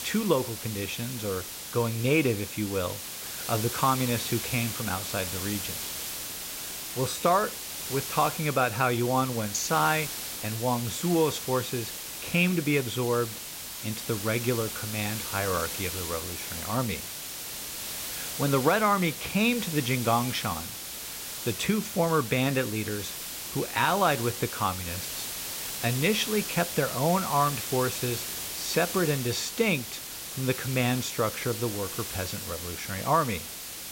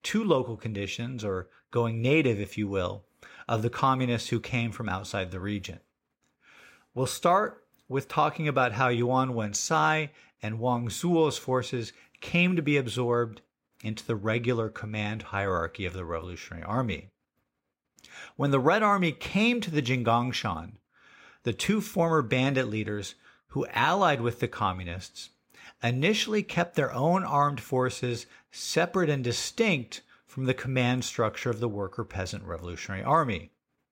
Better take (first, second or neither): second